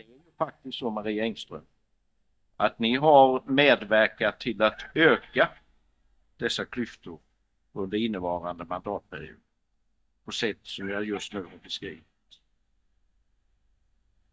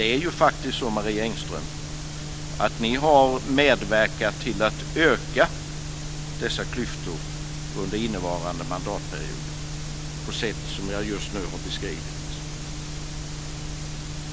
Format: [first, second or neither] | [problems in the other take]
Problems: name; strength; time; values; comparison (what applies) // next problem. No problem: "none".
second | noise reduction (neural mask model DeepFilterNet 3)